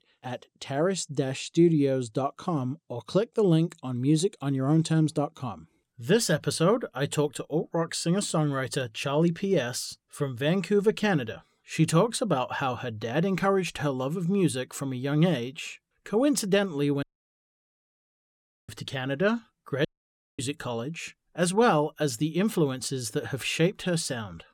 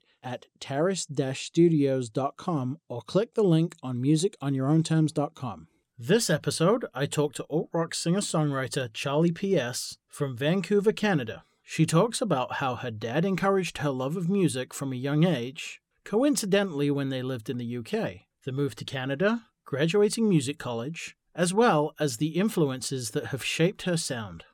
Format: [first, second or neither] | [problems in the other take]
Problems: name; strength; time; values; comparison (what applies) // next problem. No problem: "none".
second | audio cutting out; at 17 s for 1.5 s and at 20 s for 0.5 s